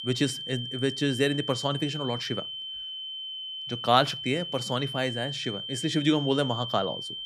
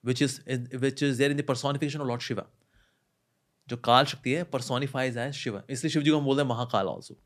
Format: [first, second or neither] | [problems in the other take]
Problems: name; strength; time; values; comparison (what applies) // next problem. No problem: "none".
second | high-pitched whine; loud; throughout; 3 kHz, 6 dB below the speech